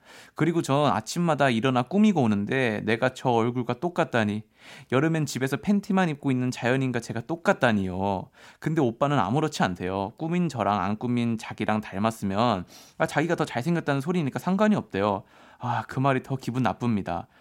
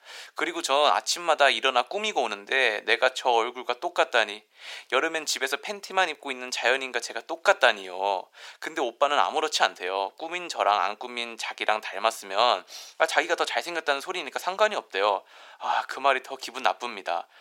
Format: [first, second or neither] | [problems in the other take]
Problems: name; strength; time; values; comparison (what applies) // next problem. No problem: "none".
first | thin; very; fading below 450 Hz